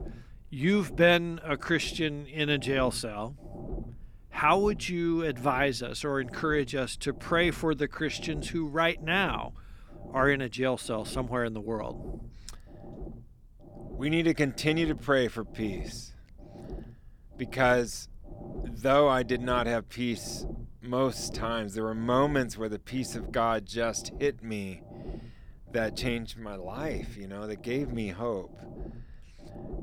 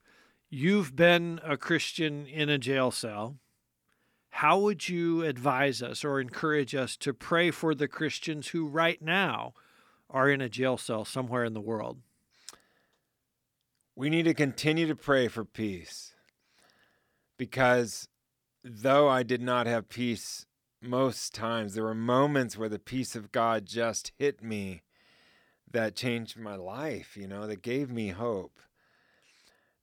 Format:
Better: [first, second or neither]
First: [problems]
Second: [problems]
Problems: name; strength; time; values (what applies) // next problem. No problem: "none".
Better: second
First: low rumble; faint; throughout; 20 dB below the speech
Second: none